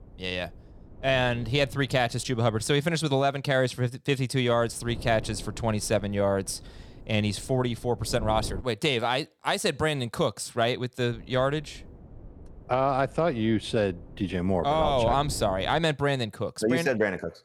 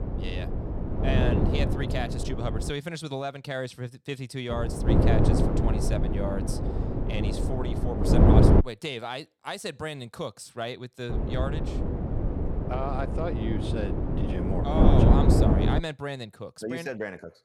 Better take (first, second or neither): first